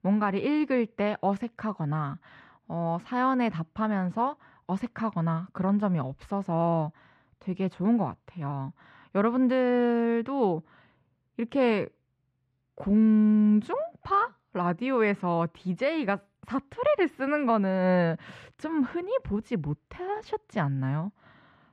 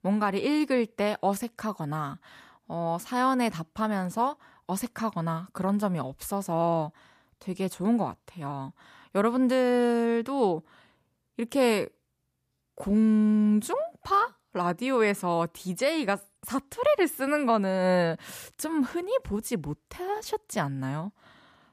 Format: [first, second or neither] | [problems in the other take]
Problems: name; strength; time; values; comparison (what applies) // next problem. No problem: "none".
second | muffled; slightly; fading above 2.5 kHz